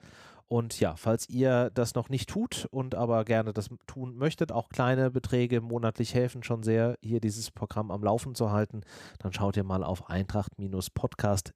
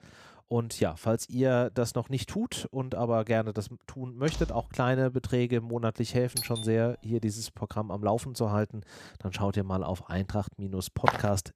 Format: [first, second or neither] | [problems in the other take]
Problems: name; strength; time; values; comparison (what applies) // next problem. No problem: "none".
first | door banging; noticeable; at 4.5 s; peak 8 dB below the speech // doorbell; noticeable; at 6.5 s; peak 3 dB below the speech // footsteps; loud; at 11 s; peak 1 dB above the speech